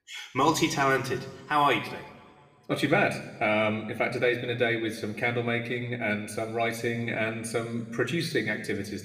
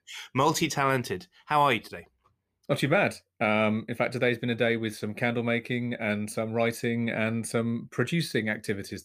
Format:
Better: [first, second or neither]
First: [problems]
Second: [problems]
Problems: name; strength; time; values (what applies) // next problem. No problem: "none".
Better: second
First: room echo; slight; dies away in 1.3 s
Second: none